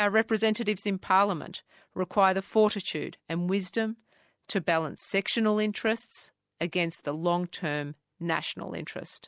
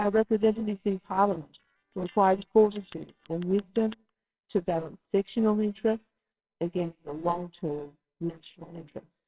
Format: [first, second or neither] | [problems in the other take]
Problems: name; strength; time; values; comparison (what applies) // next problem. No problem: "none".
first | noise reduction (neural separator model SepFormer WHAMR!)